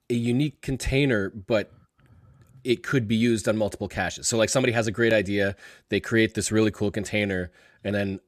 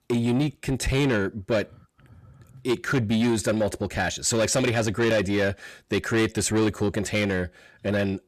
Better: first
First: none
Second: distortion; slight; 10 dB below the speech

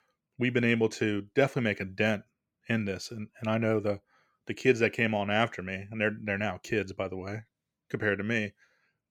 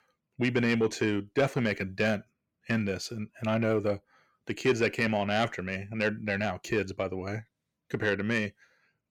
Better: first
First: none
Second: distortion; slight; 10 dB below the speech

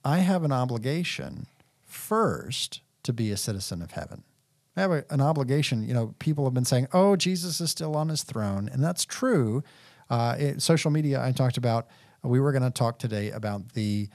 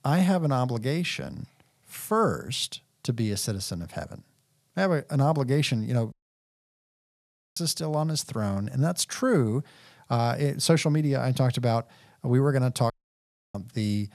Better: first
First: none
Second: audio cutting out; at 6 s for 1.5 s and at 13 s for 0.5 s

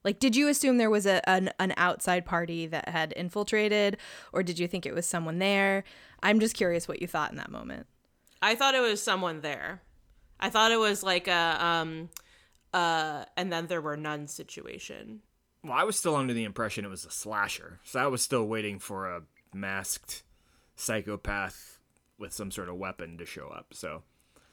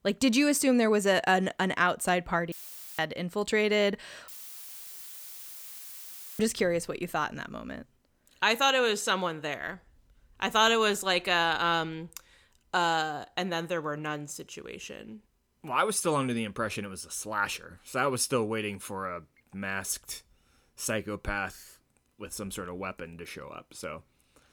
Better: first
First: none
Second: audio cutting out; filled with static; at 2.5 s and at 4.5 s for 2 s

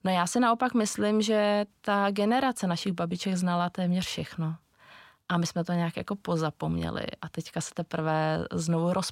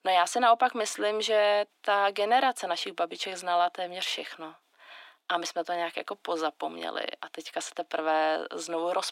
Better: first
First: none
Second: thin; very; fading below 300 Hz

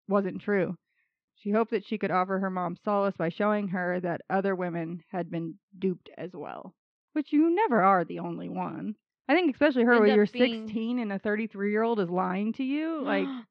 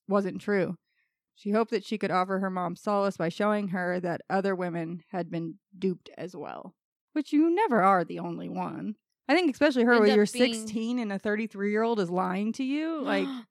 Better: second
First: muffled; slightly; fading above 3.5 kHz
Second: none

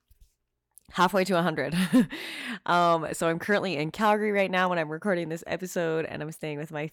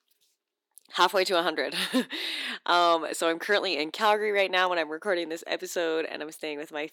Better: first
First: none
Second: thin; somewhat; fading below 300 Hz

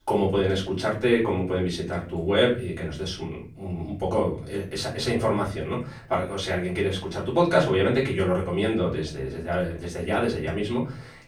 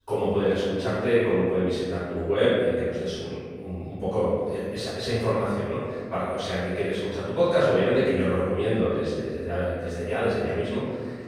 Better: first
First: room echo; slight; dies away in 0.4 s // off-mic speech; far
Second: room echo; strong; dies away in 1.6 s // off-mic speech; far

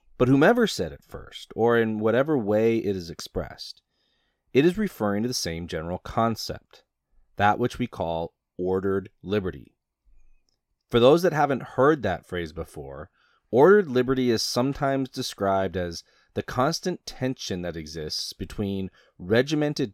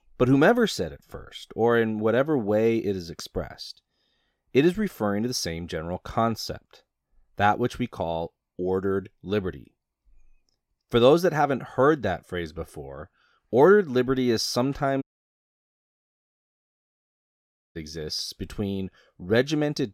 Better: first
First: none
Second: audio cutting out; at 15 s for 2.5 s

